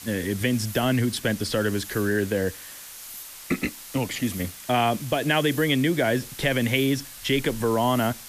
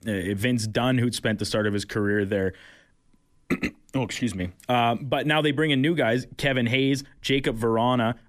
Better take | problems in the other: second | hiss; noticeable; throughout; 15 dB below the speech

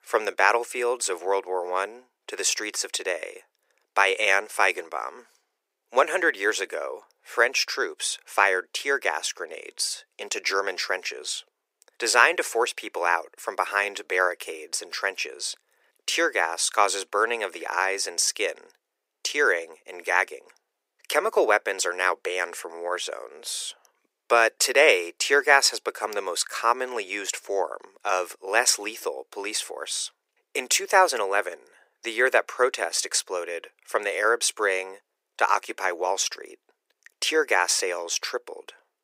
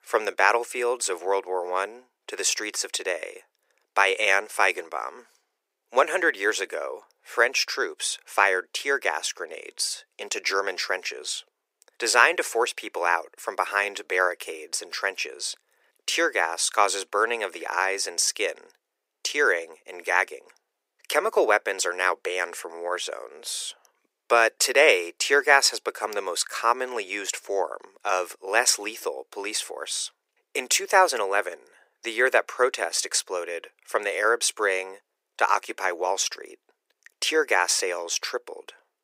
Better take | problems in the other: neither | thin; very; fading below 400 Hz; the same in both

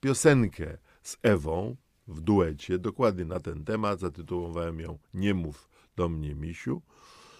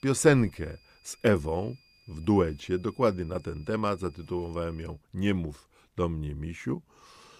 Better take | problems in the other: first | high-pitched whine; faint; until 5 s; 5 kHz, 30 dB below the speech

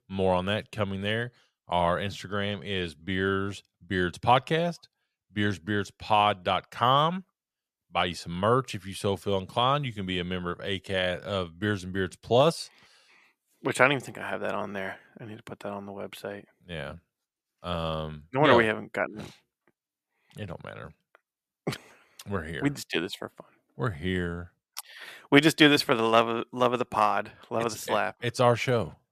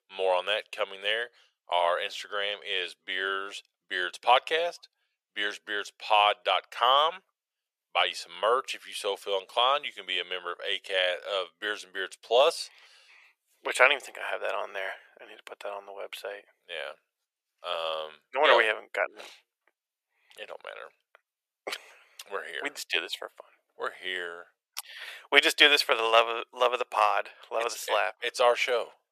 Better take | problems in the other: first | thin; very; fading below 500 Hz

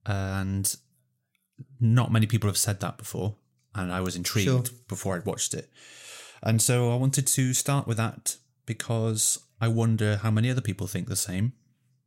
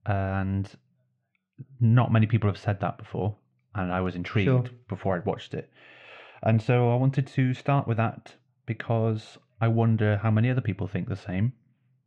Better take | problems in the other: first | muffled; very; fading above 2.5 kHz

